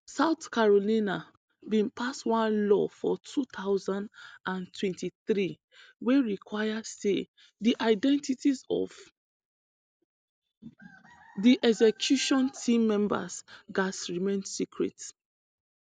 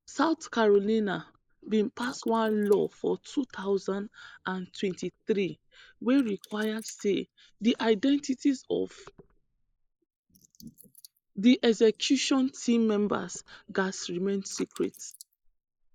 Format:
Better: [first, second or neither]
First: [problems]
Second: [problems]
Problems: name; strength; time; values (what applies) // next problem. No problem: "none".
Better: first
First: none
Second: noise reduction (neural mask model Resemble Enhance denoiser)